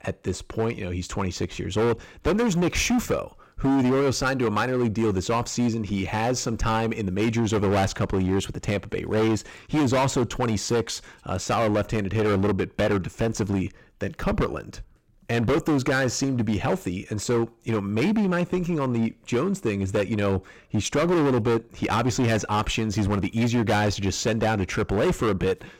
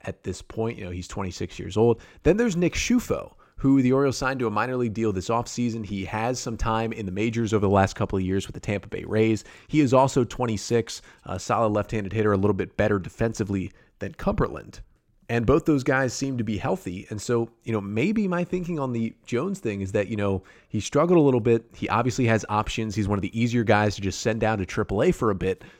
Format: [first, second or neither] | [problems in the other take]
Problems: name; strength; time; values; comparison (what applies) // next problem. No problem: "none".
second | distortion; heavy; 15% of the sound clipped